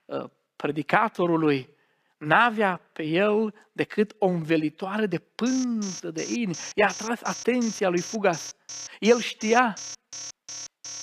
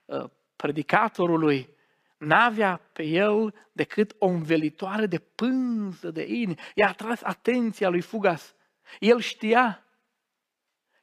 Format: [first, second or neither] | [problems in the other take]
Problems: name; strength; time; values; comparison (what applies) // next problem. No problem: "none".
second | alarm; faint; from 5.5 s on; peak 10 dB below the speech